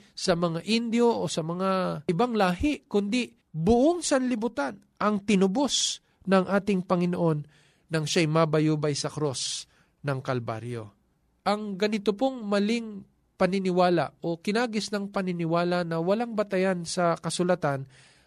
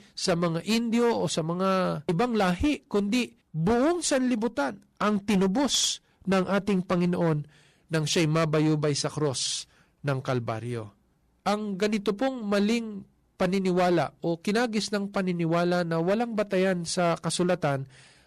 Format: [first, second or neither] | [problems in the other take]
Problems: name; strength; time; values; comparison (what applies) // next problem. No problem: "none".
first | distortion; slight; 8% of the sound clipped